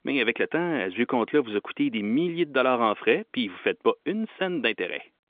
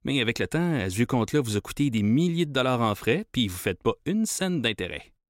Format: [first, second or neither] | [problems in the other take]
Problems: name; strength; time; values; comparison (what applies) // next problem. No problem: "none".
second | phone-call audio